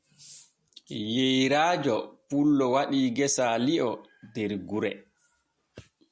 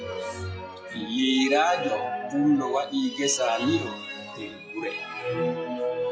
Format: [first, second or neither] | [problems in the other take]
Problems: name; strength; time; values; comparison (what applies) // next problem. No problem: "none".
first | noise reduction (classical method log-MMSE)